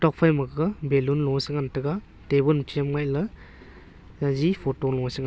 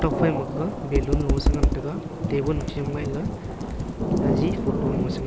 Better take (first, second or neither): first